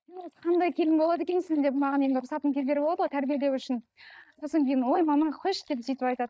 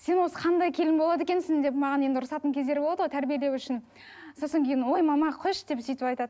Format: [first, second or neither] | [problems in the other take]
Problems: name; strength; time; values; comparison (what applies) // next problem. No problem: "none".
second | noise reduction (neural mask model DeepFilterNet 3)